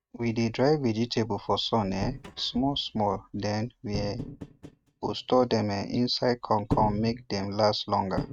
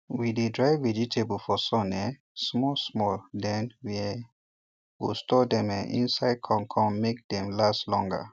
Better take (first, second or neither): second